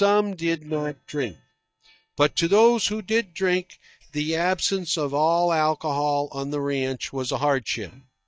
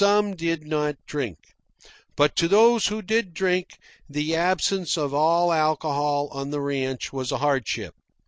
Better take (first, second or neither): second